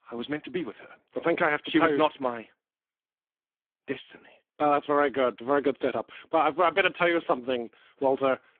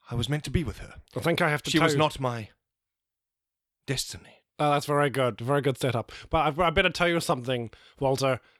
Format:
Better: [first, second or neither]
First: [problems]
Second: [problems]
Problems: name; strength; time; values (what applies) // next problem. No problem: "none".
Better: second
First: phone-call audio; poor line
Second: none